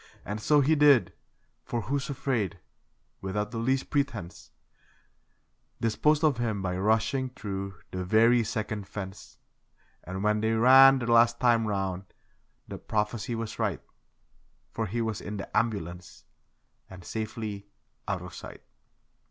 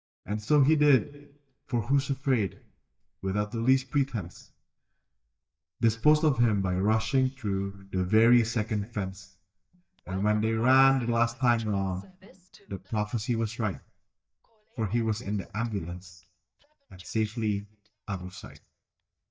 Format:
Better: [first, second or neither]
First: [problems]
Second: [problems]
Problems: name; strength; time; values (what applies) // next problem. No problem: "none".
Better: first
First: none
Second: noise reduction (neural mask model DeepFilterNet 3)